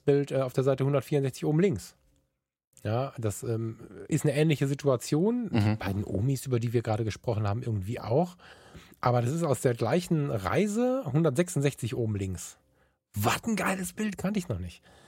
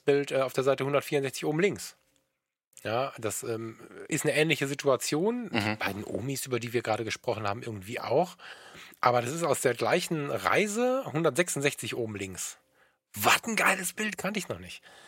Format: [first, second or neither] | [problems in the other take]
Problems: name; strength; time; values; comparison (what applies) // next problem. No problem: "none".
first | thin; somewhat; fading below 650 Hz